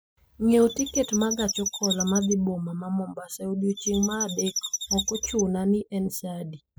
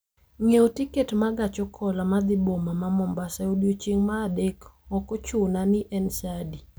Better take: second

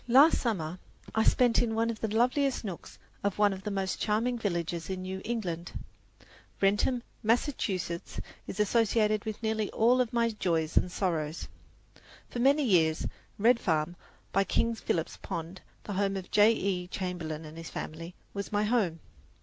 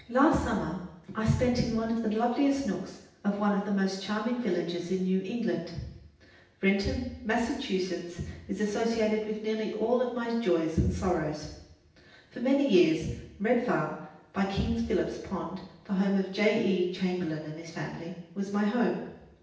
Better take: first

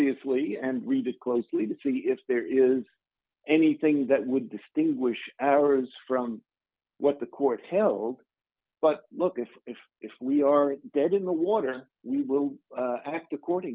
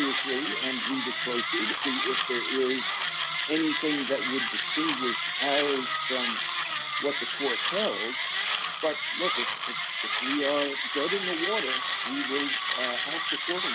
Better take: first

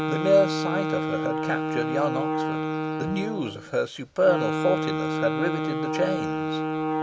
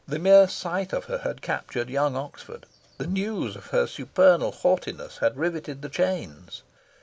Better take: second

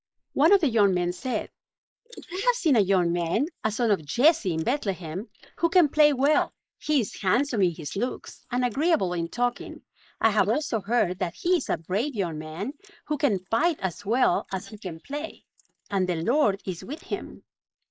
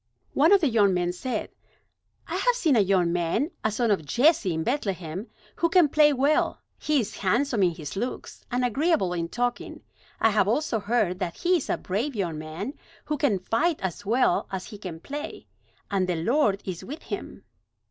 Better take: second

